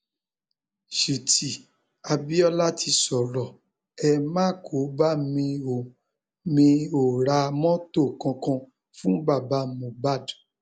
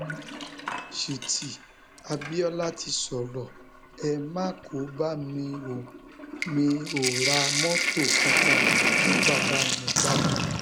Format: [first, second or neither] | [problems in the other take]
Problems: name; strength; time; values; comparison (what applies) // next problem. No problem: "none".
first | background sound (Sink (filling or washing)); 3 dB above the speech